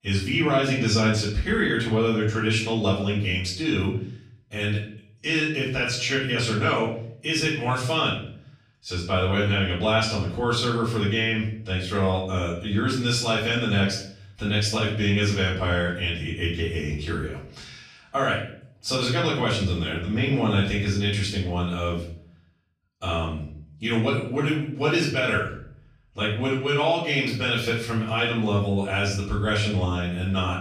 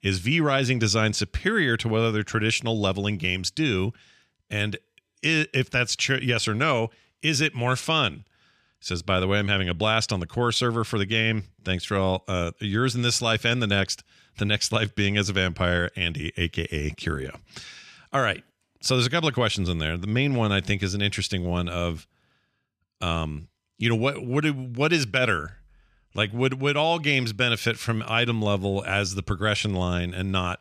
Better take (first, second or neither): second